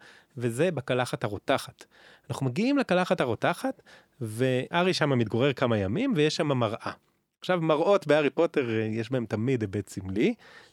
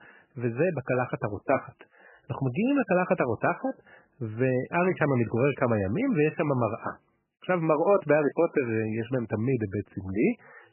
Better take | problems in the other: first | garbled, watery; badly; nothing above 2.5 kHz

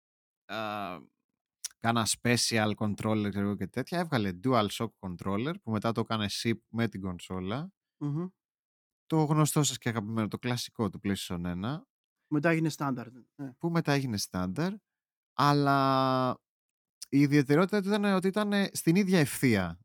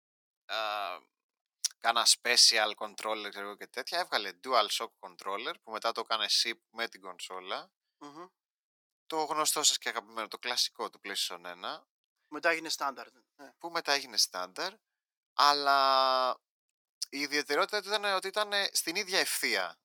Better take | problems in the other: first | thin; very; fading below 550 Hz

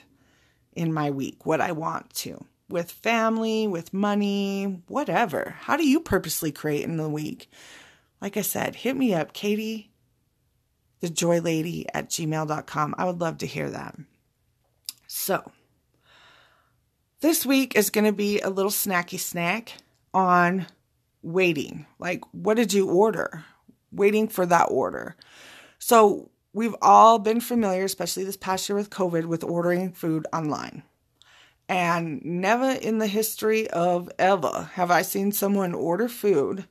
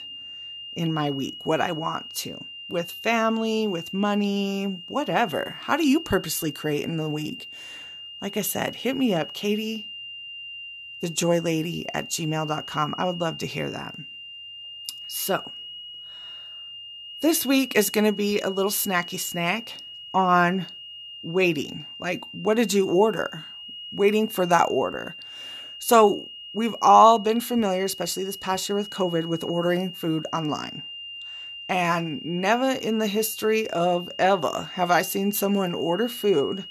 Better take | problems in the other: first | high-pitched whine; noticeable; throughout; 3 kHz, 10 dB below the speech

